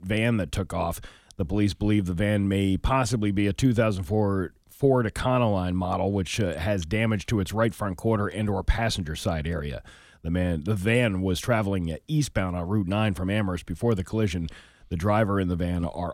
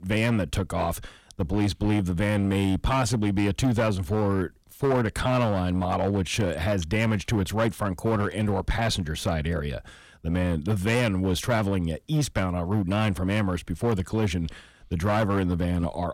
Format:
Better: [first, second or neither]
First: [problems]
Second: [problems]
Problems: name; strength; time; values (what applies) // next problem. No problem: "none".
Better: first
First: none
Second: distortion; slight; 9% of the sound clipped